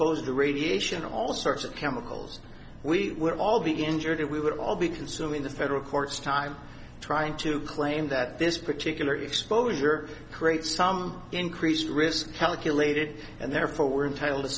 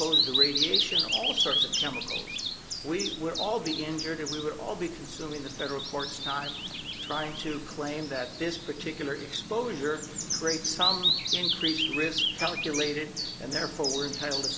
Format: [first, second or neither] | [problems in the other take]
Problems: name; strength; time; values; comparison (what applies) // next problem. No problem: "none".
first | background sound (Bird vocalization, bird call, bird song); 2 dB above the speech